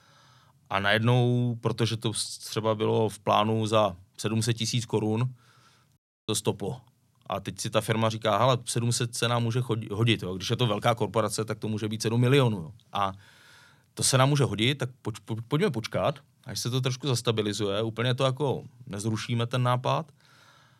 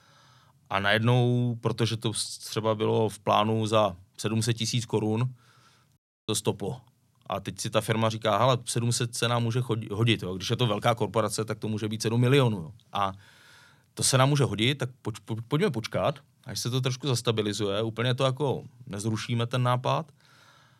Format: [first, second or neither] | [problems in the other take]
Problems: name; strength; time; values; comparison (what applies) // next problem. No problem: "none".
neither | audio cutting out; at 6 s; the same in both